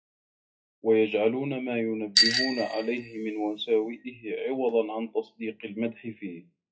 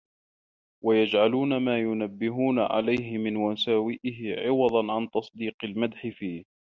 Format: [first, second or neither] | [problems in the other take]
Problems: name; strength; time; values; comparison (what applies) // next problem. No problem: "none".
second | noise reduction (classical method WPE with log-MMSE)